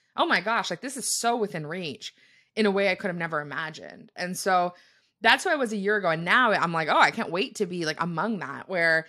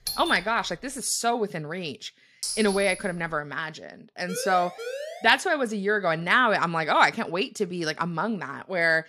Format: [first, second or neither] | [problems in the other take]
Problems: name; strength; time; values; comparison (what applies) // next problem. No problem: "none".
first | doorbell; noticeable; at the start; peak 6 dB below the speech // clattering dishes; noticeable; at 2.5 s; peak 5 dB below the speech // siren; noticeable; at 4.5 s; peak 10 dB below the speech